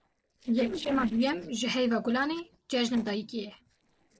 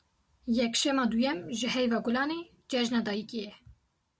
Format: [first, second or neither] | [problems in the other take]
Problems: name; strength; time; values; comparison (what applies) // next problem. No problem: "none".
second | noise reduction (neural separator model SepFormer DNS4)